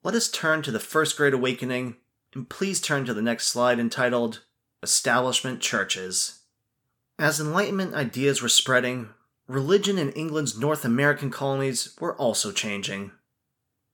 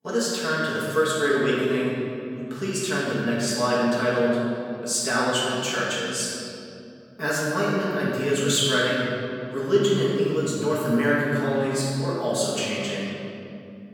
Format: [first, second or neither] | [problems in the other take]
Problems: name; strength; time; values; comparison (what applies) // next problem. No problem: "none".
first | off-mic speech; far // room echo; strong; dies away in 2.5 s